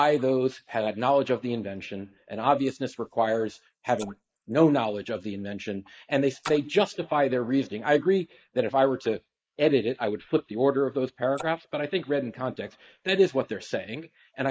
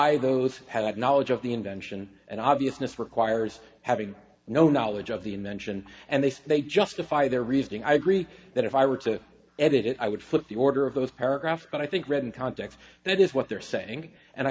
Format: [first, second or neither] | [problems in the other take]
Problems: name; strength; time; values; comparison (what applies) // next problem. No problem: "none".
second | noise reduction (neural mask model Resemble Enhance denoiser)